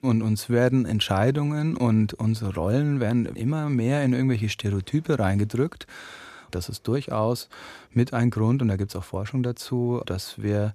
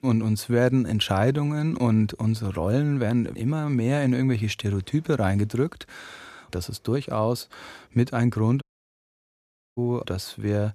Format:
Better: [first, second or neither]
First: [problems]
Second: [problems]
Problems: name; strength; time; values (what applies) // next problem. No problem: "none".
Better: first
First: none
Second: audio cutting out; at 8.5 s for 1 s